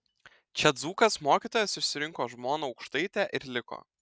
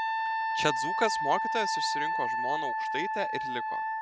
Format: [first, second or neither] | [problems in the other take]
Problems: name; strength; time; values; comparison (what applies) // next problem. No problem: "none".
first | background sound (Wind instrument, woodwind instrument); 4 dB above the speech